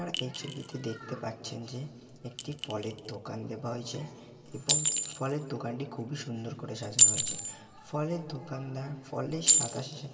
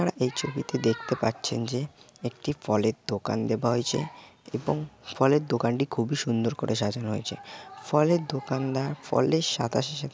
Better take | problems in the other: second | background sound (Chink, clink); 5 dB above the speech // room echo; dies away in 2.6 s

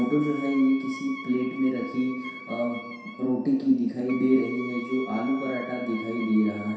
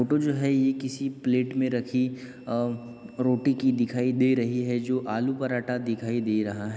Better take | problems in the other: second | background sound (Wind instrument, woodwind instrument); 14 dB below the speech // room echo; dies away in 0.7 s

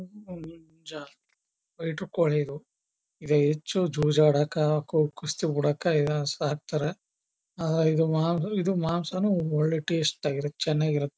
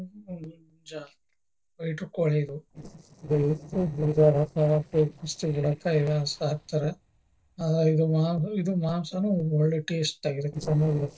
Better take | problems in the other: first | noise reduction (neural separator model SepFormer DNS4)

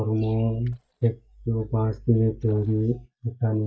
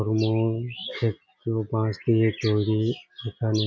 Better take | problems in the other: second | noise reduction (neural mask model DeepFilterNet 3)

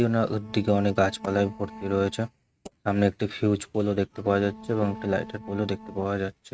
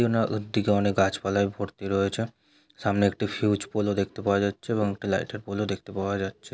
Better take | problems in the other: second | noise reduction (neural mask model RNNoise)

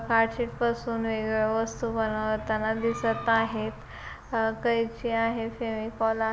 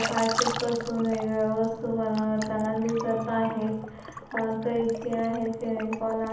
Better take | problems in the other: first | background sound (Liquid); 10 dB below the speech // room echo; dies away in 0.8 s

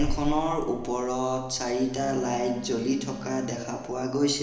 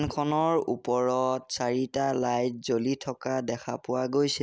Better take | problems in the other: second | background sound (Telephone); 8 dB below the speech // room echo; dies away in 1 s

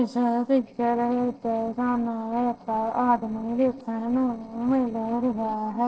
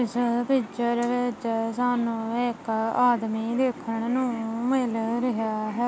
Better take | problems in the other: second | noise reduction (neural separator model SepFormer DNS4)

